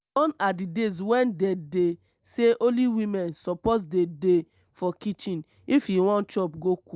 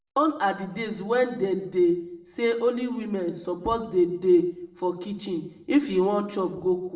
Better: first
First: none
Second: room echo; dies away in 0.7 s

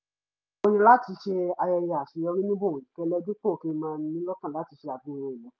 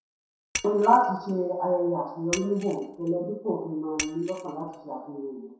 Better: first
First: none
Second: background sound (Shatter); 11 dB below the speech // room echo; dies away in 0.7 s

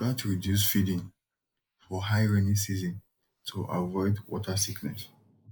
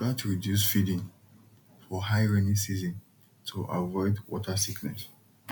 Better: second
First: noise reduction (neural mask model Resemble Enhance denoiser)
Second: none

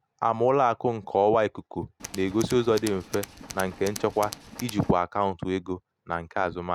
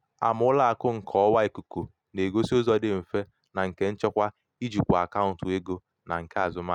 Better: second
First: background sound (Tools); 14 dB below the speech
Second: none

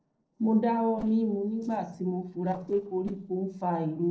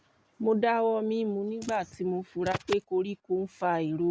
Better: second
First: noise reduction (neural separator model SepFormer DNS4)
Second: none

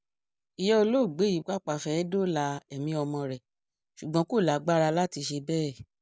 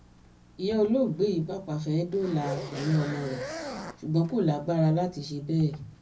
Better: first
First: none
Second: background sound (Zipper (clothing)); 14 dB below the speech // room echo; dies away in 0.4 s

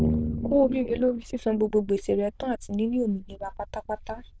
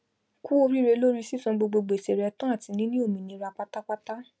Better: second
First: noise reduction (neural diffusion model UNIVERSE++)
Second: none

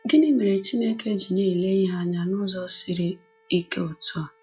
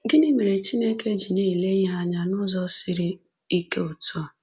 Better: second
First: noise reduction (classical method log-MMSE)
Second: none

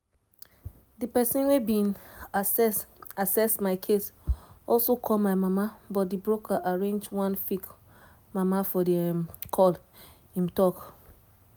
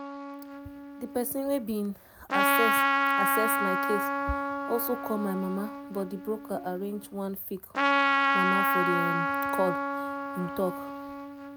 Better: first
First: none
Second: background sound (Trumpet); 4 dB above the speech

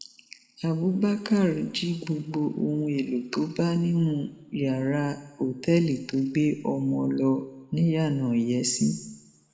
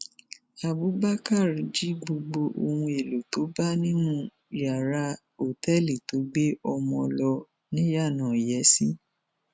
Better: second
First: room echo; dies away in 1.2 s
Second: none

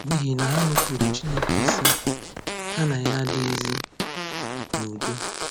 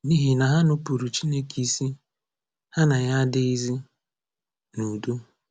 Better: second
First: background sound (Fart + Cutlery, silverware); 2 dB above the speech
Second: none

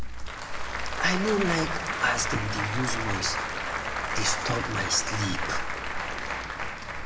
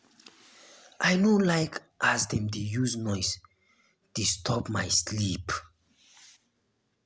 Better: second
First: background sound (Applause / Crowd); 1 dB above the speech // room echo; dies away in 1.1 s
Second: none

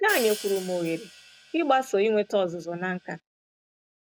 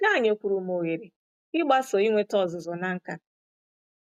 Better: second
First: background sound (Hi-hat); 14 dB below the speech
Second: none

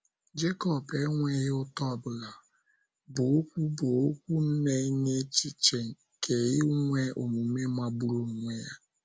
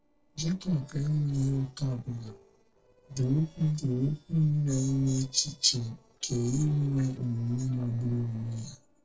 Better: first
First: none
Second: noise reduction (neural separator model SepFormer DNS4)

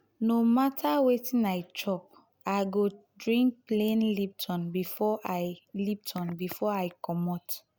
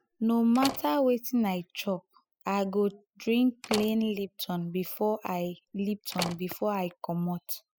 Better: first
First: none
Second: noise reduction (classical method spectral subtraction)

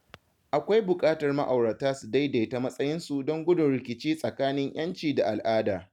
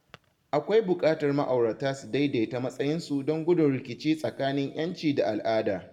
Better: first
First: none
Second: room echo; dies away in 2 s

